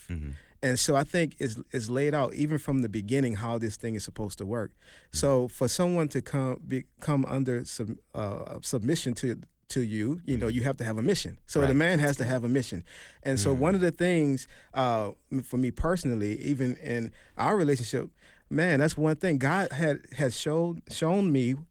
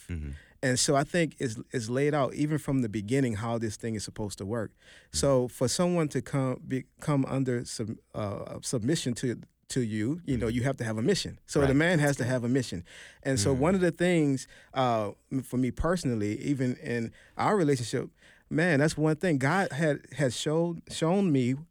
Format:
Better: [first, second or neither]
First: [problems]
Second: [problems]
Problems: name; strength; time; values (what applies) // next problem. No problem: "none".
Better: second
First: garbled, watery; slightly; nothing above 19 kHz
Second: none